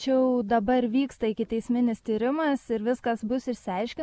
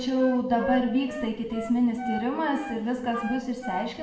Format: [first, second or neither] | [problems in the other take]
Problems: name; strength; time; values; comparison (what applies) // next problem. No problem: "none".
first | background sound (Wind instrument, woodwind instrument); 10 dB below the speech // room echo; dies away in 0.9 s